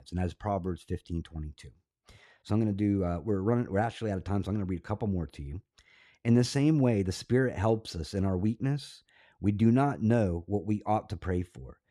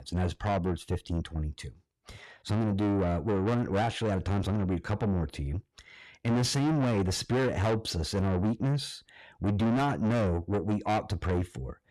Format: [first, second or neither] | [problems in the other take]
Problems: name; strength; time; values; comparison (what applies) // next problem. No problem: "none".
first | distortion; heavy; 6 dB below the speech